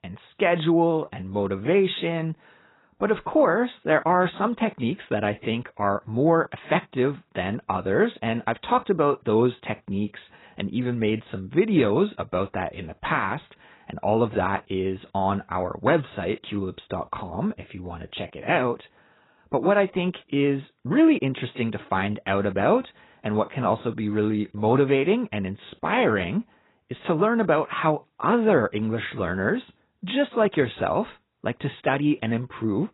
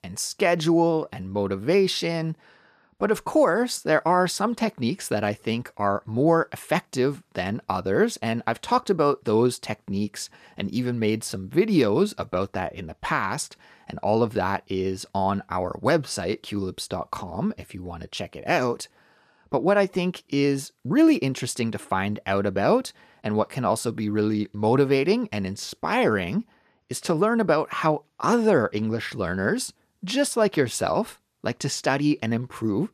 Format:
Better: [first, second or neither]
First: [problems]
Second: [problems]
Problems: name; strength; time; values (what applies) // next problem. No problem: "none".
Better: second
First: garbled, watery; badly; nothing above 4 kHz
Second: none